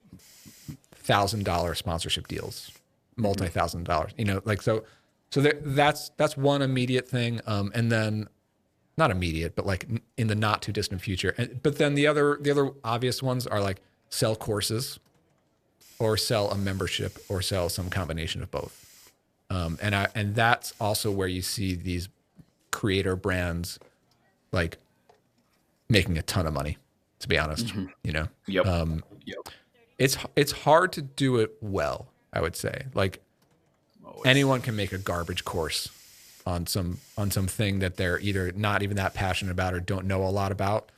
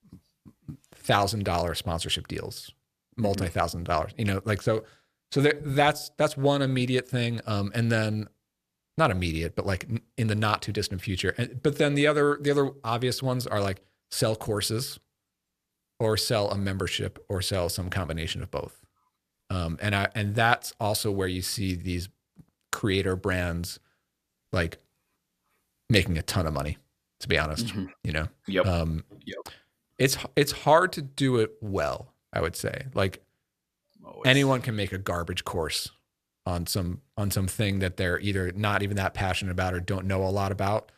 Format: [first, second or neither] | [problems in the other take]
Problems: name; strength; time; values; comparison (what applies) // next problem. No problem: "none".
second | hiss; faint; throughout; 25 dB below the speech